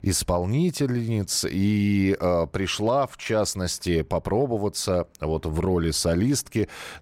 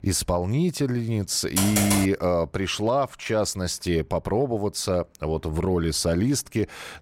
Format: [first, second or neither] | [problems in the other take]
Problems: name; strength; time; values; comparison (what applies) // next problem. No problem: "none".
first | keyboard typing; loud; at 1.5 s; peak 1 dB above the speech